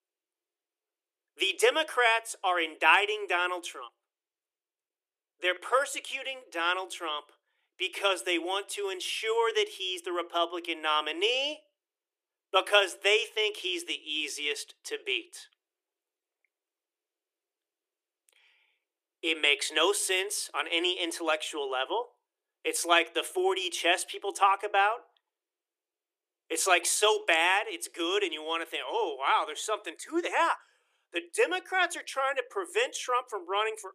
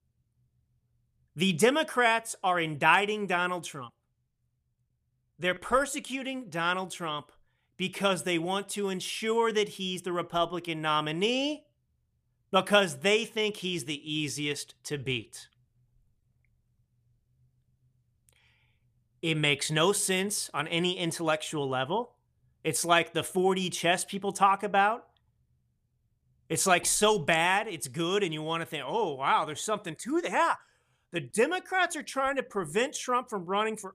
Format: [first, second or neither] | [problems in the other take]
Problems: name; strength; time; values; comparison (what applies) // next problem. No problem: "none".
second | thin; very; fading below 350 Hz